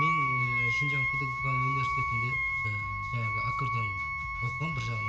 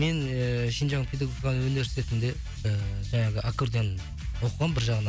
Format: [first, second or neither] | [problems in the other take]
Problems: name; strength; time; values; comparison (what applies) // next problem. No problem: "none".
second | background sound (Wind instrument, woodwind instrument); 4 dB above the speech // room echo; dies away in 1.1 s